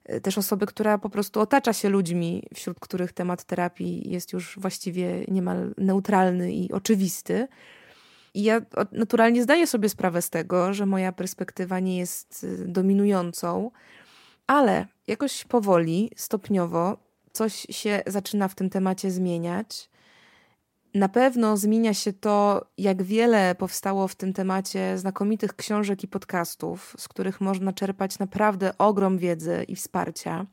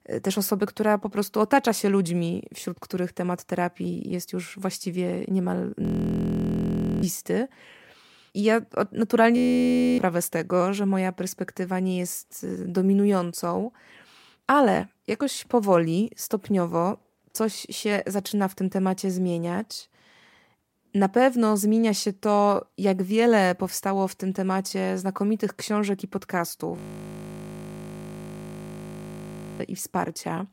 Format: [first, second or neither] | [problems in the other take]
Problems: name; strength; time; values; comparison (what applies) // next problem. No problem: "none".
first | audio freezing; at 6 s for 1 s, at 9.5 s for 0.5 s and at 27 s for 3 s